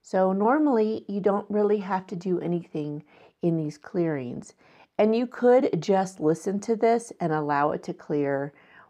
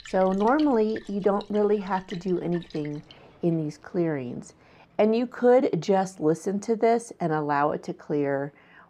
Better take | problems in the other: first | rain or running water; faint; throughout; 25 dB below the speech

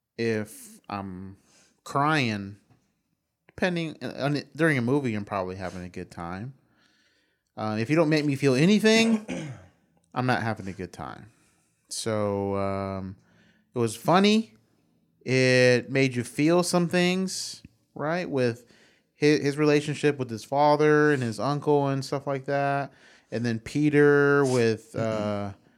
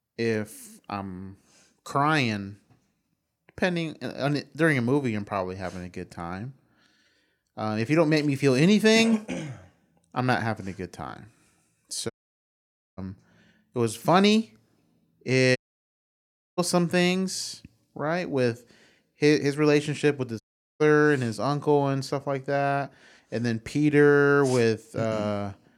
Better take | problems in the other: first | audio cutting out; at 12 s for 1 s, at 16 s for 1 s and at 20 s

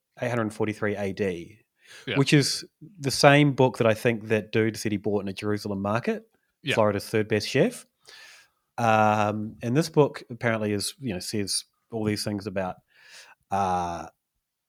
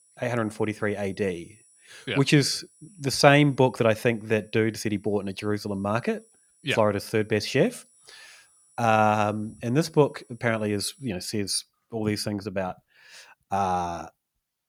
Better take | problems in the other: first | high-pitched whine; faint; until 11 s; 10 kHz, 30 dB below the speech

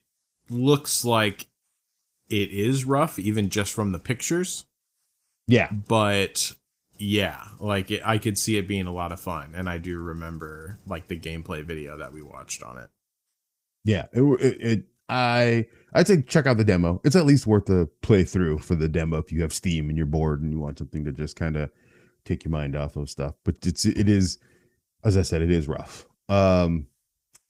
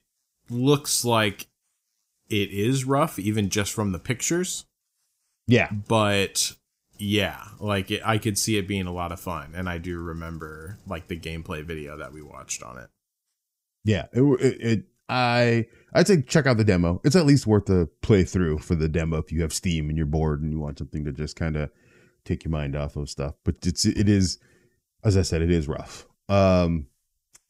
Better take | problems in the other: second | garbled, watery; slightly; nothing above 15.5 kHz

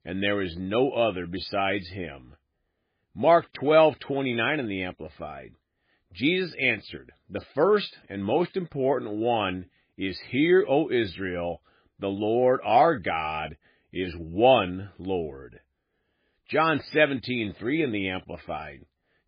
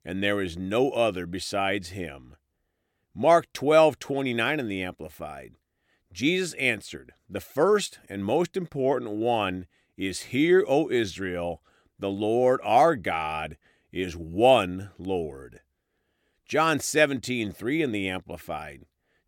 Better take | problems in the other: second | garbled, watery; badly

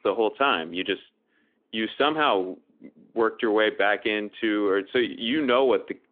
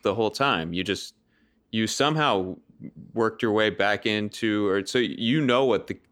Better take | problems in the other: second | phone-call audio; nothing above 3.5 kHz

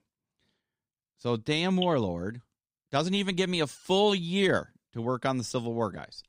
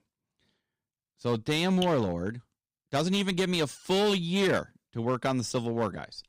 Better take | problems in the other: first | distortion; slight; 6% of the sound clipped

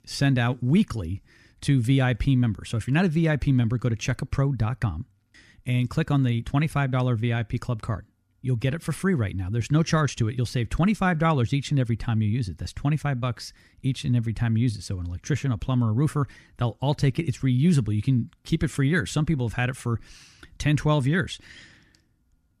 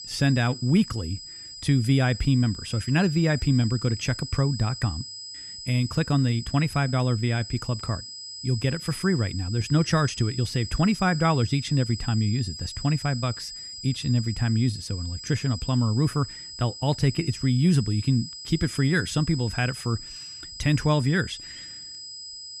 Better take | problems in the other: first | high-pitched whine; noticeable; throughout; 5 kHz, 10 dB below the speech

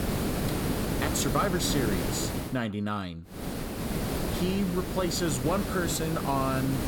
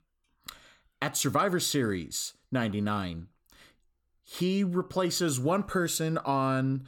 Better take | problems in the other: second | hiss; loud; until 2.5 s and from 3.5 s on; 2 dB below the speech

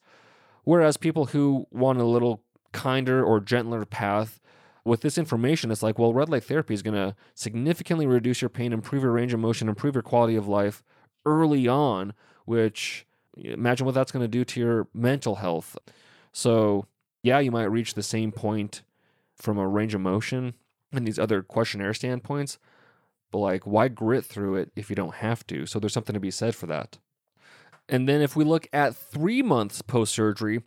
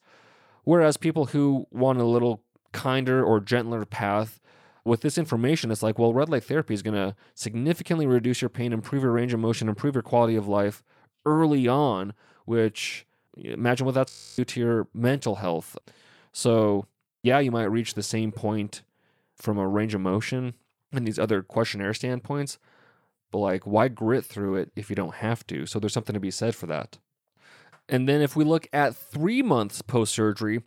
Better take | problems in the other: first | audio freezing; at 14 s

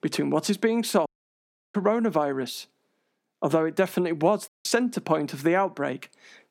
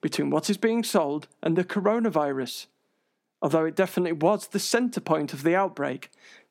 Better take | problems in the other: second | audio cutting out; at 1 s for 0.5 s and at 4.5 s

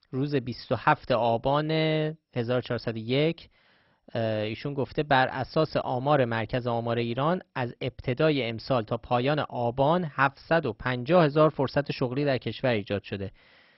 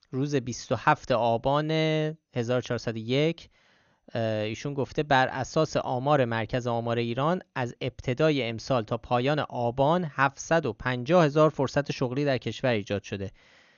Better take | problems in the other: second | garbled, watery; badly; nothing above 5.5 kHz; slightly in the second

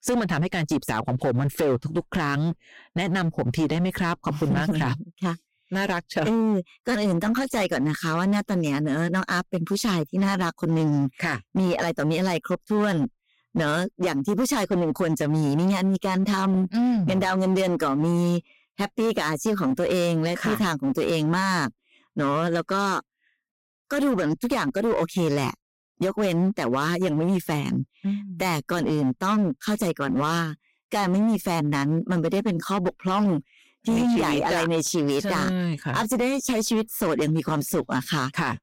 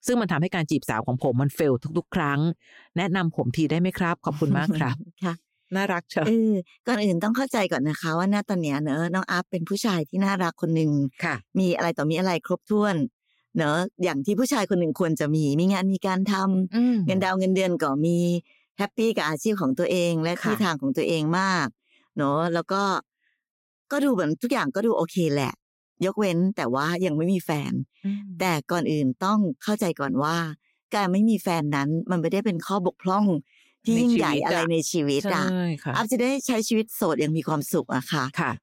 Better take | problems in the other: second | distortion; slight; 15% of the sound clipped

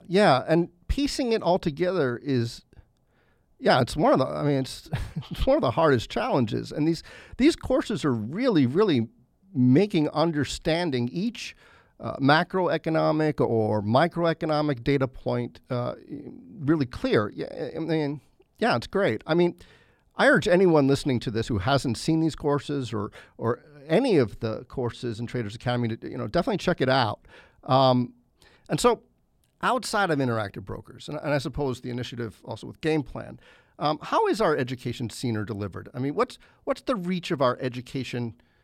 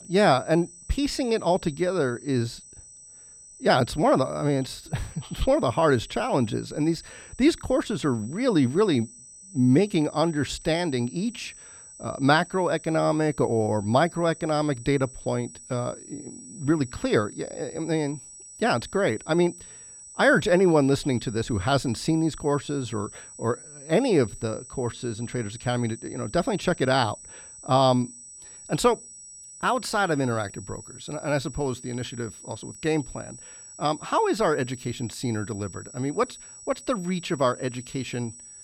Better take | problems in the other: first | high-pitched whine; noticeable; throughout; 8 kHz, 15 dB below the speech

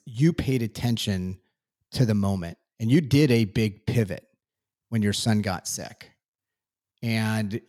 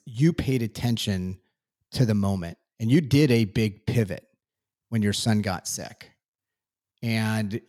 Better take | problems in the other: neither | none

